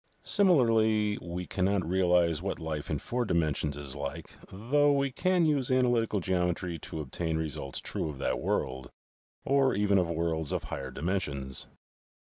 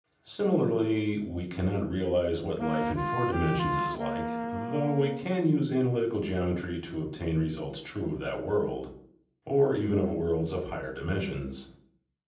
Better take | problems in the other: first | background sound (Wind instrument, woodwind instrument); 3 dB below the speech // room echo; dies away in 0.6 s

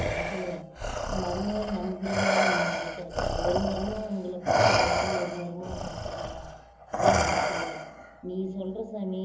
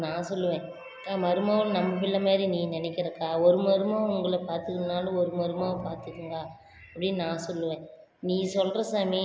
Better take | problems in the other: second | background sound (Respiratory sounds); 5 dB above the speech // room echo; dies away in 0.3 s

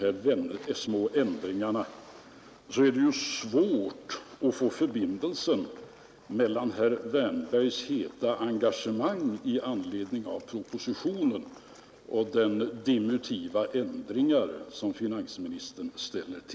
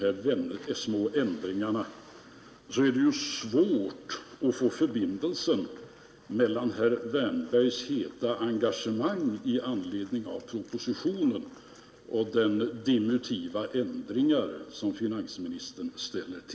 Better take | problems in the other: first | room echo; dies away in 0.4 s

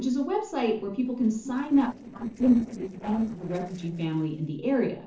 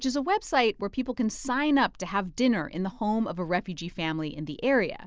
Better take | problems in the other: second | noise reduction (neural separator model SepFormer DNS4)

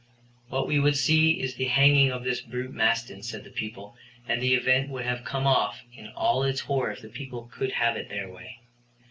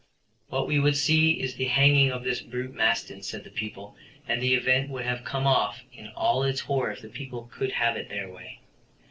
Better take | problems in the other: first | noise reduction (neural separator model SepFormer DNS4)

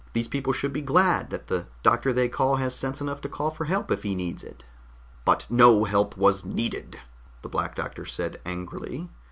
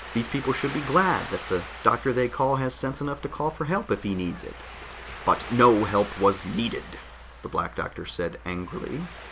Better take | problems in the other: first | background sound (Ocean); 14 dB below the speech

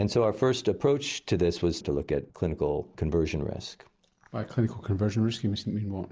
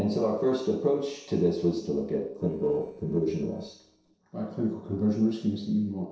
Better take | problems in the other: first | noise reduction (neural separator model SepFormer DNS4)

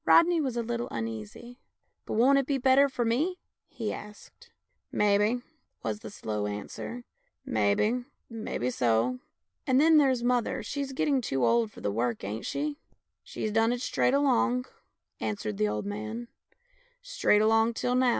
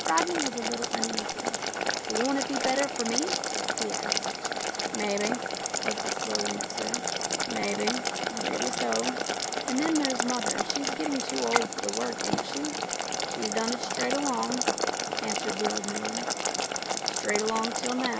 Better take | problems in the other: first | background sound (Boiling); 3 dB above the speech

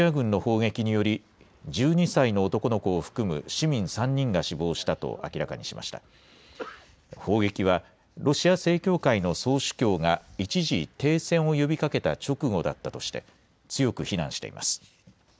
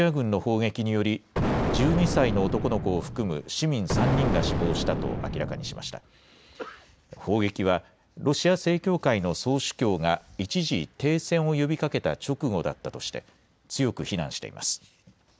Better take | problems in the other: first | background sound (Explosion); 1 dB below the speech

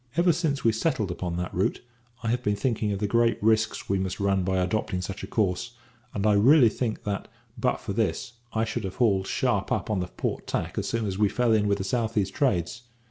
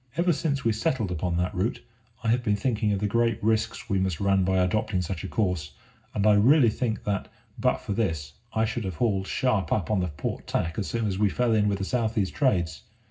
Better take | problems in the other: first | room echo; dies away in 0.4 s

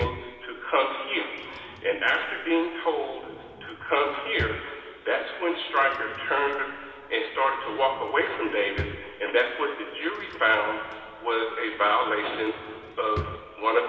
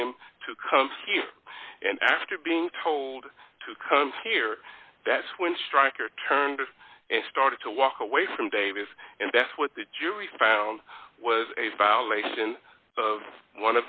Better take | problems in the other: second | background sound (Drawer open or close); 16 dB below the speech // room echo; dies away in 2.4 s

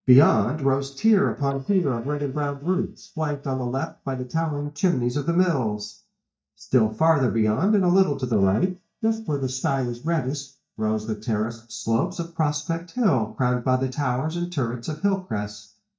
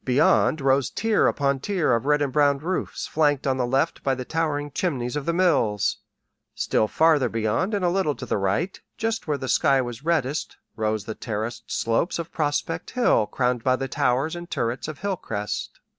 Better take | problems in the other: second | noise reduction (neural mask model DeepFilterNet 3)

